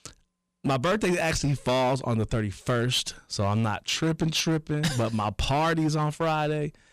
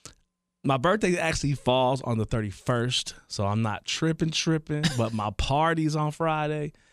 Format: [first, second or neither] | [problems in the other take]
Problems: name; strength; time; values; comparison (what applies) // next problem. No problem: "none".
second | distortion; slight; 11% of the sound clipped